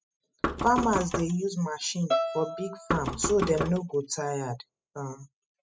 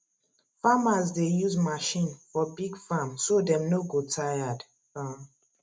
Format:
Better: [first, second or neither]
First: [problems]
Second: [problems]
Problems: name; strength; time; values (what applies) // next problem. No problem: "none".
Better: second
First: noise reduction (classical method spectral subtraction)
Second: none